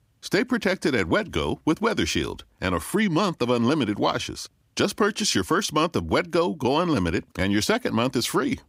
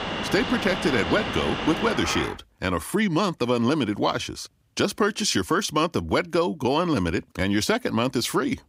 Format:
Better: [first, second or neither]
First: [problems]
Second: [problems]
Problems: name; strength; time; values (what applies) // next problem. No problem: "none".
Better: first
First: none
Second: train or aircraft noise; loud; until 2.5 s; 5 dB below the speech